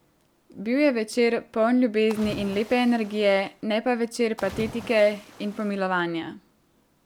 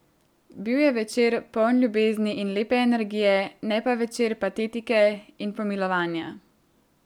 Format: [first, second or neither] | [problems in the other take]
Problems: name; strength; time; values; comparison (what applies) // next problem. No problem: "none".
second | background sound (Splash, splatter); 18 dB below the speech